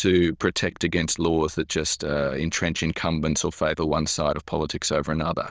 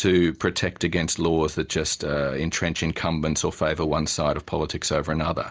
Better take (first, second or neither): second